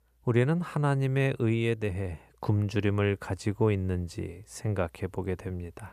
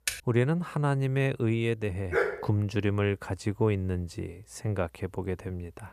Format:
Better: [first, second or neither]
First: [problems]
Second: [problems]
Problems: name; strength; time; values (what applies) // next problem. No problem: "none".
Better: first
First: none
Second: keyboard typing; noticeable; at the start; peak 4 dB below the speech // dog barking; loud; at 2 s; peak 1 dB above the speech